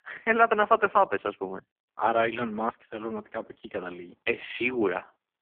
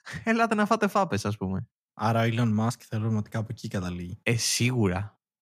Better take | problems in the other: second | phone-call audio; poor line

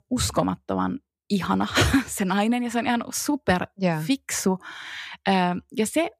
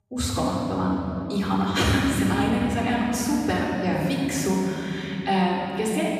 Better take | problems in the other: first | off-mic speech; far // room echo; strong; dies away in 3 s

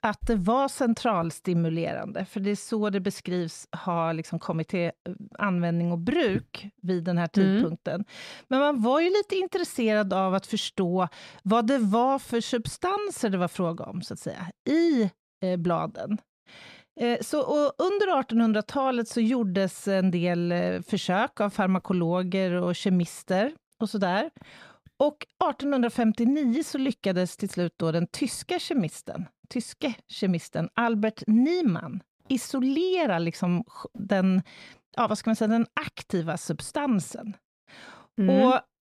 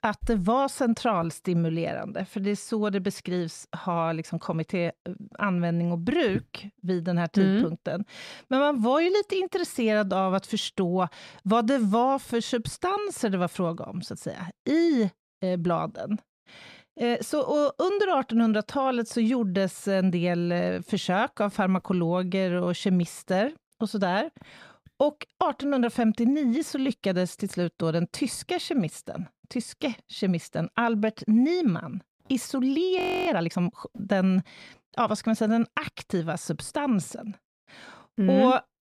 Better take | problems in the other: first | audio freezing; at 33 s

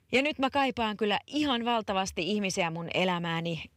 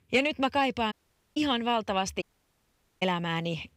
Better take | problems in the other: first | audio cutting out; at 1 s and at 2 s for 1 s

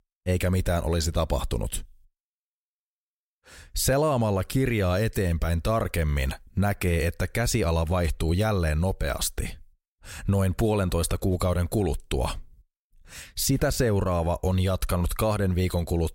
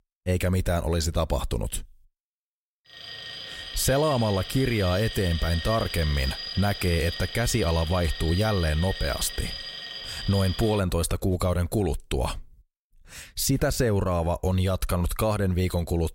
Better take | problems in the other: first | alarm; noticeable; from 3 to 11 s; peak 6 dB below the speech

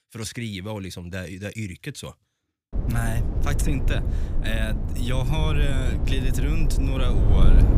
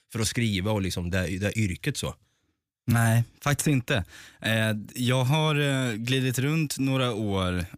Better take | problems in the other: second | low rumble; loud; from 2.5 s on; 5 dB below the speech

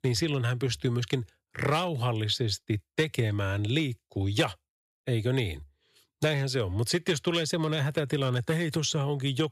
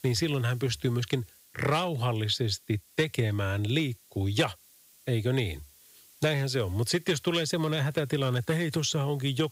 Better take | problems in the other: first | hiss; faint; throughout; 25 dB below the speech

